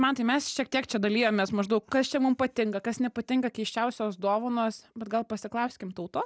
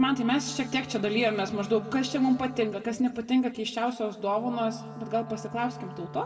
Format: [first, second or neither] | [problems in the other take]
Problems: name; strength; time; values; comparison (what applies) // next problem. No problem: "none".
first | background sound (Wind instrument, woodwind instrument); 16 dB below the speech // room echo; dies away in 1.3 s